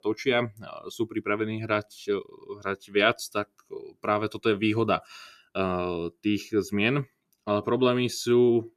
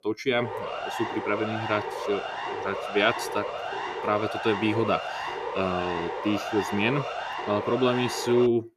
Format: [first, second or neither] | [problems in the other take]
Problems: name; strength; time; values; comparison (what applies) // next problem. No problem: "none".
first | siren; noticeable; peak 4 dB below the speech